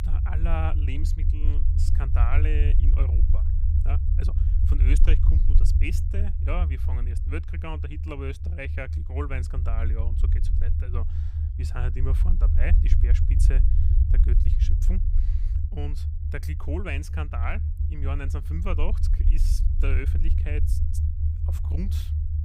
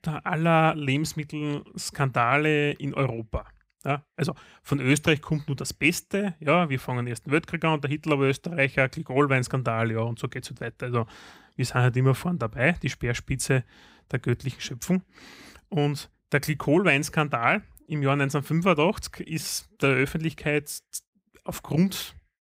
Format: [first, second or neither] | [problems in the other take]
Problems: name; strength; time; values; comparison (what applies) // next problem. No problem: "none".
second | low rumble; loud; throughout; 5 dB below the speech